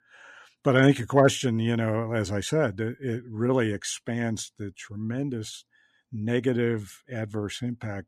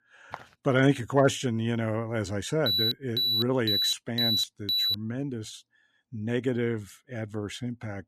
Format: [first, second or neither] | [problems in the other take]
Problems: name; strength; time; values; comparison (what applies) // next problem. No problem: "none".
first | footsteps; faint; at 0.5 s; peak 15 dB below the speech // alarm; loud; from 2.5 to 5 s; peak 5 dB above the speech